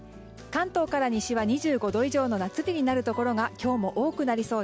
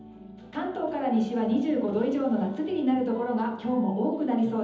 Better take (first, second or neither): first